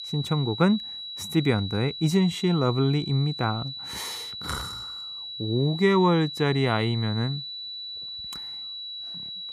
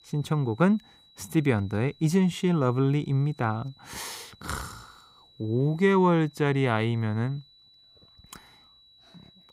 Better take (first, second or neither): second